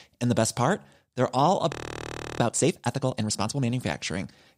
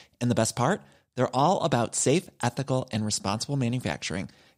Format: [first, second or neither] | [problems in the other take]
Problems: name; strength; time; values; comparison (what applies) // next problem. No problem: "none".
second | audio freezing; at 1.5 s for 0.5 s